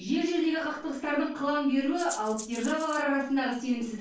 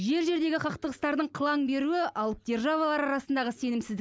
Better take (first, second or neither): second